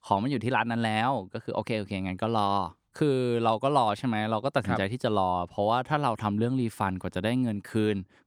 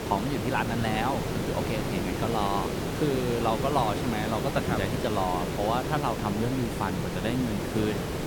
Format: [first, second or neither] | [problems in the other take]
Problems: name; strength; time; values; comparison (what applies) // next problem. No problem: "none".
first | hiss; loud; throughout; 1 dB below the speech